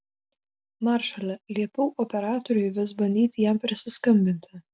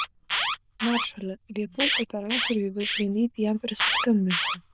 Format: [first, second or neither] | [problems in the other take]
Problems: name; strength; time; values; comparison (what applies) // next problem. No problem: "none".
first | noise reduction (neural diffusion model UNIVERSE++)